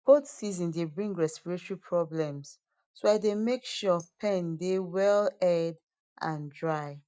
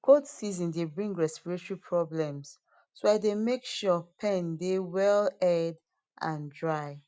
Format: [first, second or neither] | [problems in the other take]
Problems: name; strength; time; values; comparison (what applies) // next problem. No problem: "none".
second | noise reduction (neural mask model DeepFilterNet 3)